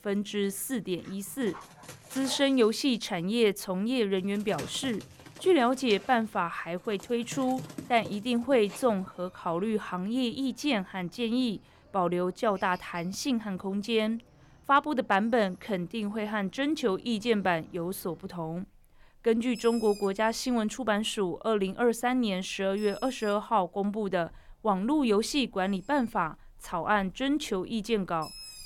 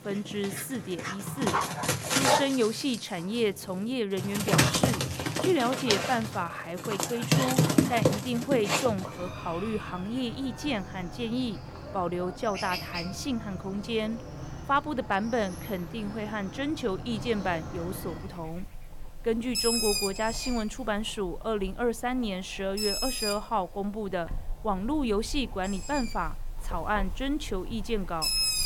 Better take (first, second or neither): first